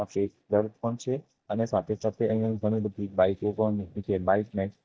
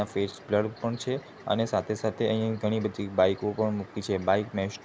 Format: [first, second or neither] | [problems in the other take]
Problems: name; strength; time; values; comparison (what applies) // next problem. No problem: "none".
second | noise reduction (neural mask model DeepFilterNet 3)